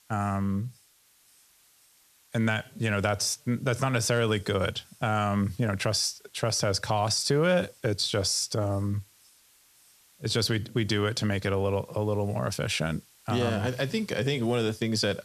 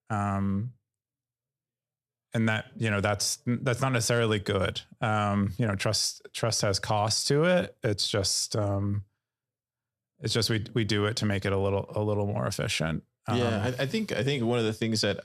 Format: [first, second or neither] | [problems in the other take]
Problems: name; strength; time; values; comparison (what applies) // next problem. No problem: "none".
second | hiss; faint; throughout; 30 dB below the speech